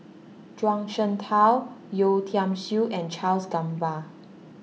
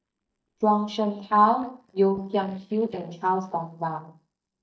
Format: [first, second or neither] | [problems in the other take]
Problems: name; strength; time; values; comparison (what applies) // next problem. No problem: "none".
first | noise reduction (neural mask model DeepFilterNet 3)